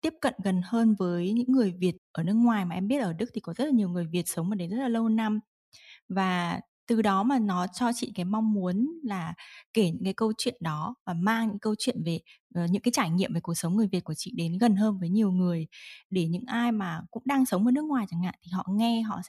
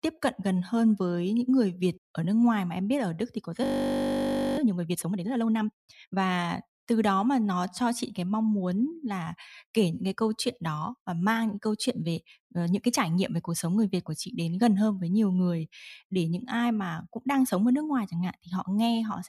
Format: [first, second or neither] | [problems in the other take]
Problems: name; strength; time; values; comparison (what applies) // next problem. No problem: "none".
first | audio freezing; at 3.5 s for 1 s